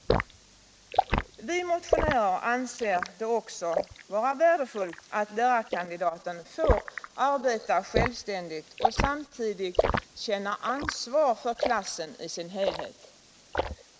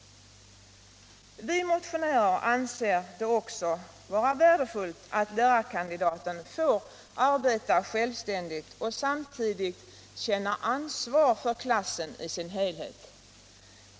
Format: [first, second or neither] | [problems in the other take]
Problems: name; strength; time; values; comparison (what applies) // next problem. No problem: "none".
second | noise reduction (neural mask model Resemble Enhance denoiser)